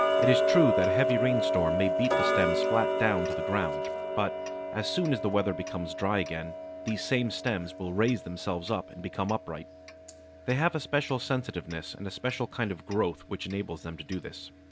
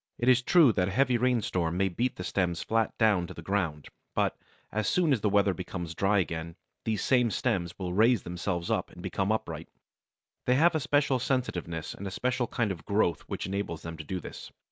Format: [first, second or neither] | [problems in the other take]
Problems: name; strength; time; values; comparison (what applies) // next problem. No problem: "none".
second | background sound (Tick-tock); 1 dB below the speech